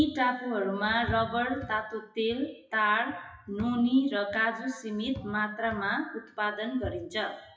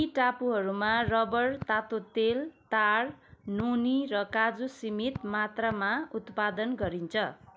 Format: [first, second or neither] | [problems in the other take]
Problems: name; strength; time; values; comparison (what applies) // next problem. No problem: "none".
second | noise reduction (classical method WPE with log-MMSE)